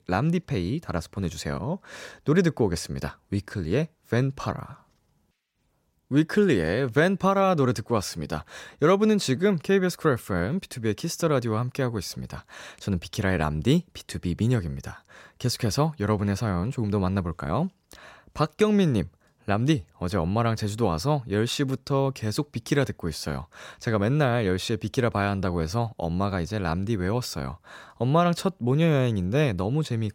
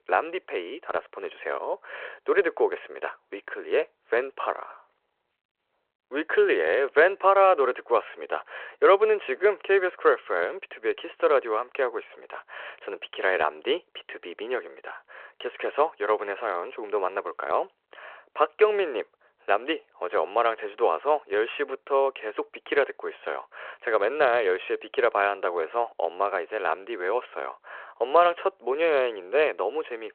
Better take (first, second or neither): first